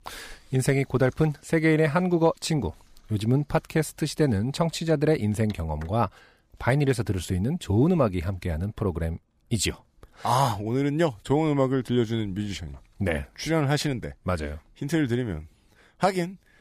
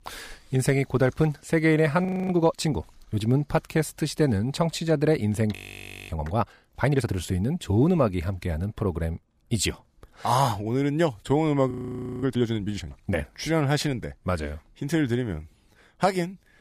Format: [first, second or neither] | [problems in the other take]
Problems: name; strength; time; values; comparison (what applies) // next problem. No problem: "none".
first | audio freezing; at 2 s, at 5.5 s for 0.5 s and at 12 s for 0.5 s